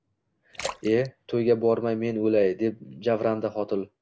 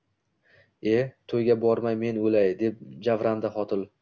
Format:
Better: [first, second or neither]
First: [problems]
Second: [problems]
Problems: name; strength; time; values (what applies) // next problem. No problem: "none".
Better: second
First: noise reduction (neural mask model Resemble Enhance denoiser)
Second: none